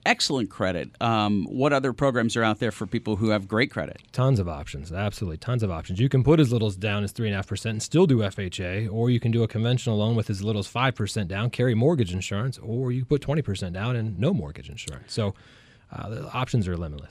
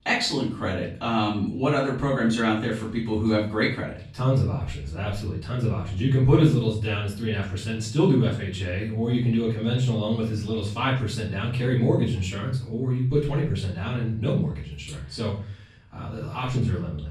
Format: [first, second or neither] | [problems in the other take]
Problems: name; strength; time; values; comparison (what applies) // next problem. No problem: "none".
first | off-mic speech; far // room echo; slight; dies away in 0.4 s